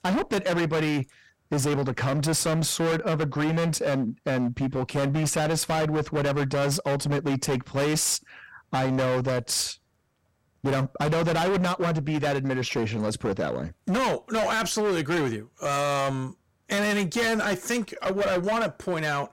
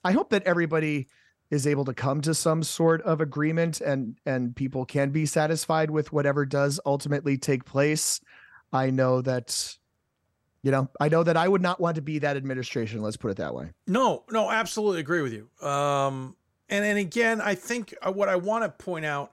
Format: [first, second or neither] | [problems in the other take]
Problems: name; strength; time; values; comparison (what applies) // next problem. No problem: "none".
second | distortion; heavy; 26% of the sound clipped